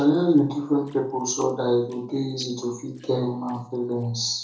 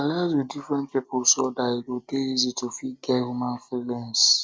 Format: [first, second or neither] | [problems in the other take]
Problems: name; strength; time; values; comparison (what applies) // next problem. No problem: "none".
second | noise reduction (neural separator model SepFormer DNS4)